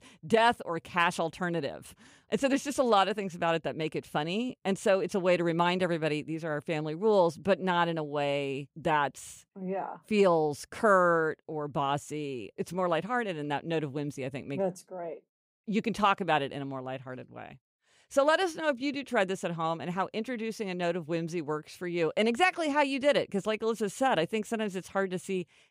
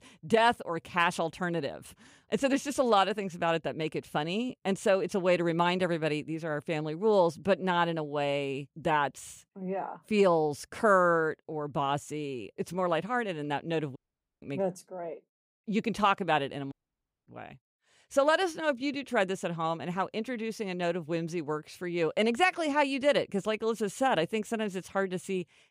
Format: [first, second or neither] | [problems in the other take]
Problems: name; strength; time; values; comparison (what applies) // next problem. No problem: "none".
first | audio cutting out; at 14 s and at 17 s for 0.5 s